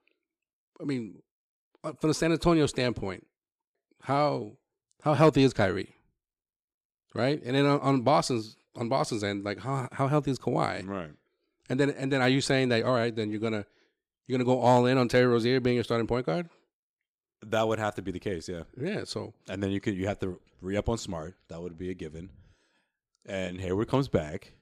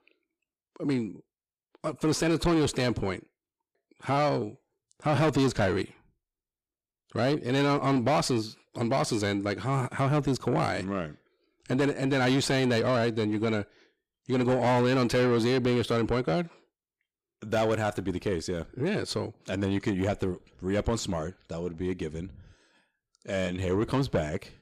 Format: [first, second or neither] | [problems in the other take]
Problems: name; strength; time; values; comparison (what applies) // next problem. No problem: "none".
first | distortion; heavy; 8 dB below the speech